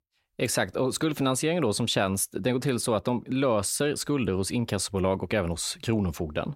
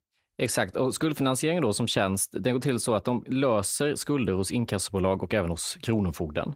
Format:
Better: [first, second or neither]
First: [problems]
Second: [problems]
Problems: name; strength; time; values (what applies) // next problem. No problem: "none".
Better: first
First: none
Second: garbled, watery; slightly; nothing above 16 kHz